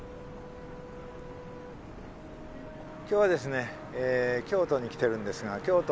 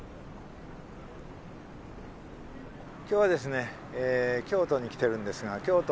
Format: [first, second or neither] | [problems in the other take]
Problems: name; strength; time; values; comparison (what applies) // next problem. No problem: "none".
second | background sound (Brass instrument); 17 dB below the speech